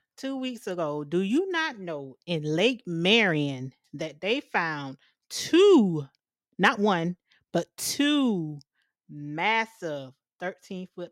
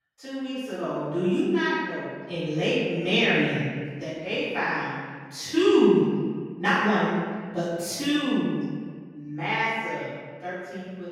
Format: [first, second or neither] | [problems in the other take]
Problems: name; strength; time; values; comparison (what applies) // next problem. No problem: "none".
first | off-mic speech; far // room echo; strong; dies away in 1.6 s